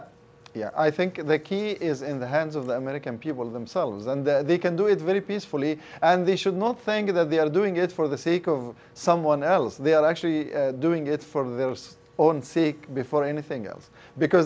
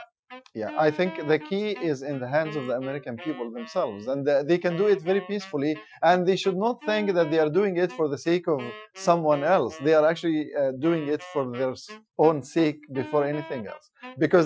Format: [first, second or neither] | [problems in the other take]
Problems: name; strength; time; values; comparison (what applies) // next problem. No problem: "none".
first | noise reduction (classical method Wiener filter)